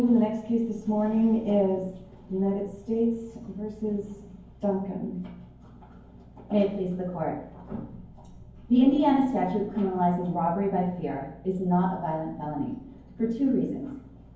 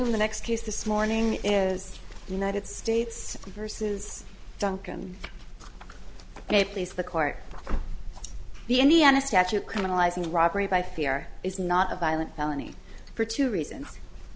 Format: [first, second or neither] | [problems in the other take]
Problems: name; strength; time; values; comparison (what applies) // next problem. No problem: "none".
second | room echo; dies away in 0.9 s